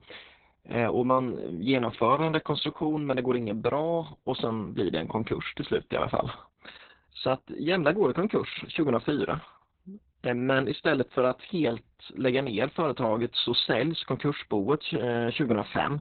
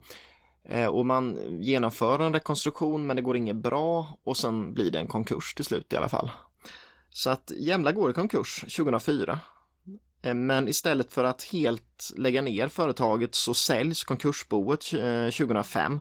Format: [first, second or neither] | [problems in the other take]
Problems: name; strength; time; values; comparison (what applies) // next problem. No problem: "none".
second | garbled, watery; badly; nothing above 4 kHz; slightly in the second